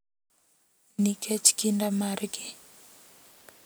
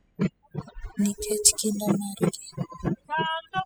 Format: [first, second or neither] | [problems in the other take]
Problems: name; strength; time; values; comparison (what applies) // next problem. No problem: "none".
first | noise reduction (classical method spectral subtraction)